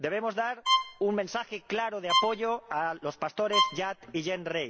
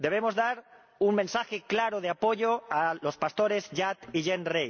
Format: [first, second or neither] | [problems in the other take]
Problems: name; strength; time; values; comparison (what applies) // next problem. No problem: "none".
second | background sound (Bowed string instrument); as loud as the speech